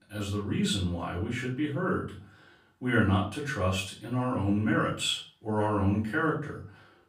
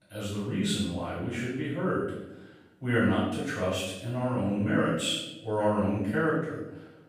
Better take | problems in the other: first | room echo; strong; dies away in 0.8 s; slight in the first // off-mic speech; far; far in the first

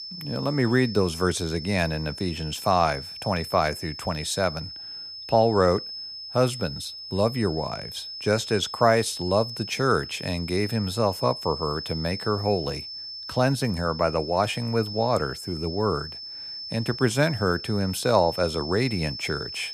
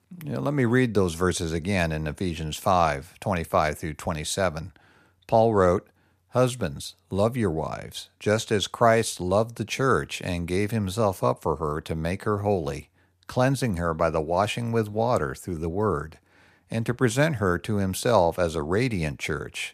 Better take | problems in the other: second | high-pitched whine; loud; throughout; 5 kHz, 9 dB below the speech

